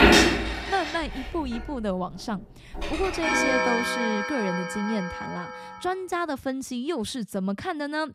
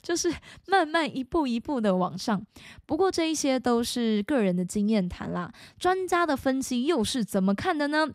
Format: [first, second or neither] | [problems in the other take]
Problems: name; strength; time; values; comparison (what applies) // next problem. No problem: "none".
second | household noises; very loud; until 6 s; 4 dB above the speech